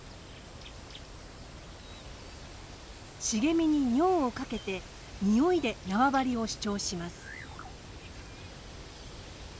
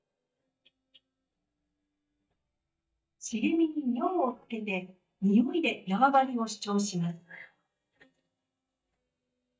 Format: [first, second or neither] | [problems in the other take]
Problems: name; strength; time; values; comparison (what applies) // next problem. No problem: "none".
first | noise reduction (neural mask model DeepFilterNet 3)